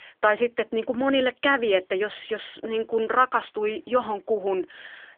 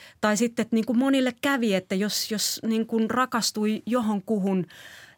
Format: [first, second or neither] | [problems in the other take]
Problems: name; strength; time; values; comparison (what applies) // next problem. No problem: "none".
second | phone-call audio; nothing above 3 kHz